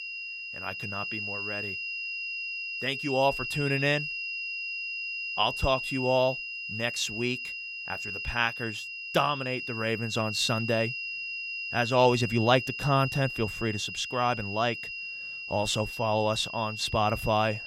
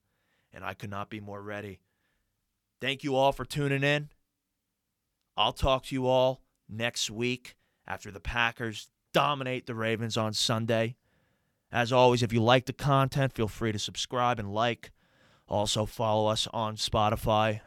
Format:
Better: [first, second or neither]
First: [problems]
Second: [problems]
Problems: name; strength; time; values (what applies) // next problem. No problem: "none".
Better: second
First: high-pitched whine; loud; throughout; 2.5 kHz, 5 dB below the speech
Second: none